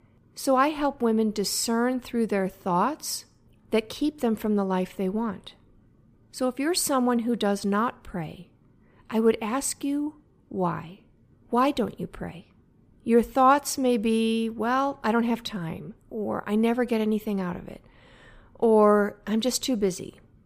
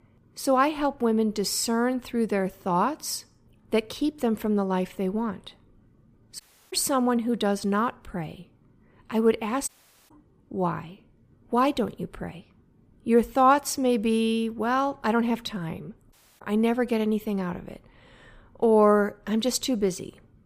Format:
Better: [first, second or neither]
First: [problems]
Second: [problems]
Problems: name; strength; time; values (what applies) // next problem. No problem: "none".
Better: first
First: none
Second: audio cutting out; at 6.5 s, at 9.5 s and at 16 s